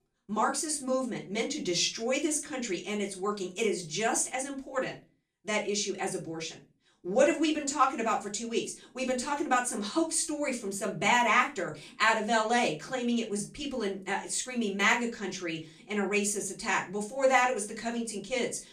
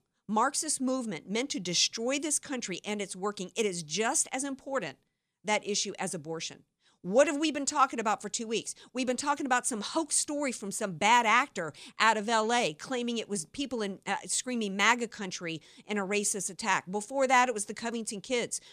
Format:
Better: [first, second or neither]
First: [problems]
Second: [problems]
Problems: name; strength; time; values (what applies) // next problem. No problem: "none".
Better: second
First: off-mic speech; far // room echo; very slight; dies away in 0.3 s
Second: none